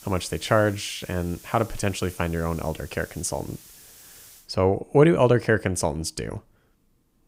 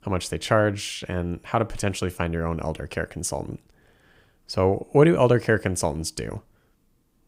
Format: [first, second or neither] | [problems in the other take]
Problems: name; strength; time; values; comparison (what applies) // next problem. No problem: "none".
second | hiss; faint; until 4.5 s; 20 dB below the speech